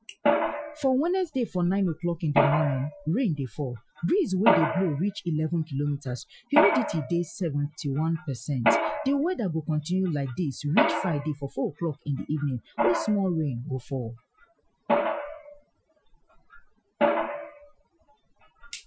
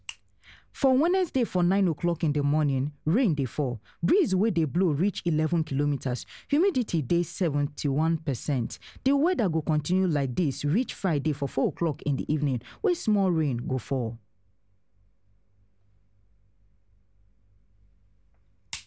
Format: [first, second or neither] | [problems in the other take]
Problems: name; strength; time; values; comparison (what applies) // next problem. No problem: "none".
second | noise reduction (classical method Wiener filter)